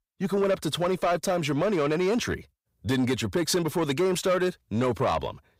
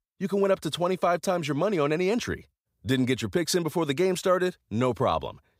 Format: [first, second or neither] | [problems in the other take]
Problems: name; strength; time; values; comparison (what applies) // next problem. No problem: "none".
second | distortion; slight; 10 dB below the speech